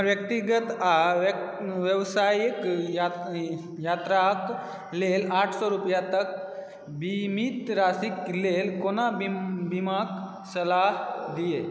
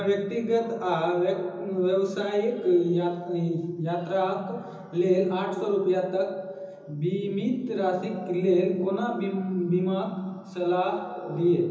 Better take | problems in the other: first | room echo; dies away in 0.6 s

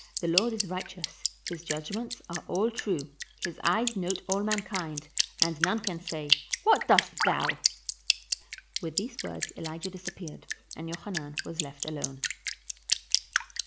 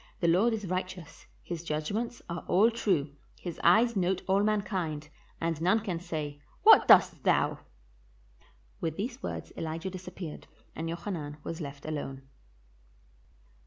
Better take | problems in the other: second | background sound (Drip); 1 dB below the speech

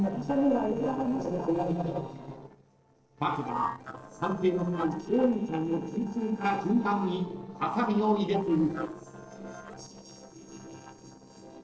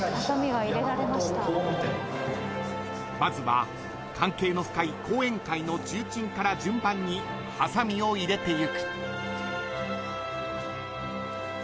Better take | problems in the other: second | noise reduction (neural separator model SepFormer DNS4)

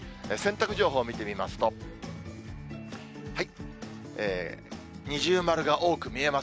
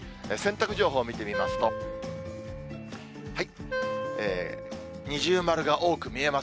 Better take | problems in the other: first | background sound (Wind instrument, woodwind instrument); 7 dB below the speech

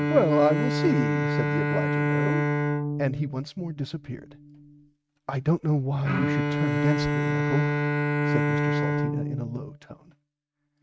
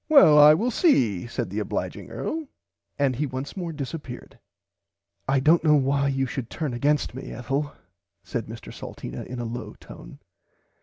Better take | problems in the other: second | noise reduction (neural mask model RNNoise)

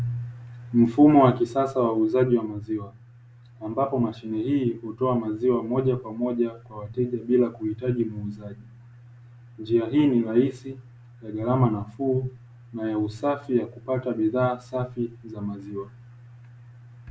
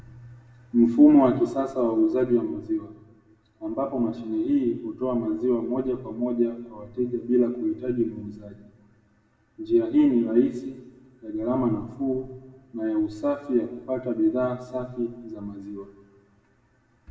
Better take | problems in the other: first | room echo; dies away in 1.1 s

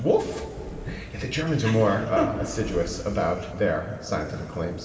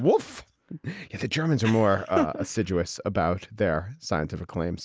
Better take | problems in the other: second | background sound (Fire); 15 dB below the speech // room echo; dies away in 2.4 s

